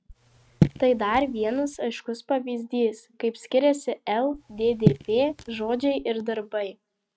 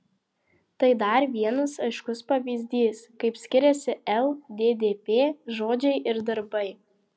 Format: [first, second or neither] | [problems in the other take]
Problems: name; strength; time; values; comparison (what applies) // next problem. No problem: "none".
second | noise reduction (neural mask model RNNoise)